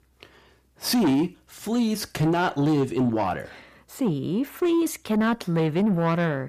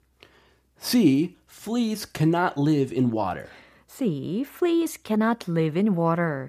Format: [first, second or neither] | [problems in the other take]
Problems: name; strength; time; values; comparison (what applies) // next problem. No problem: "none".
second | distortion; slight; 10 dB below the speech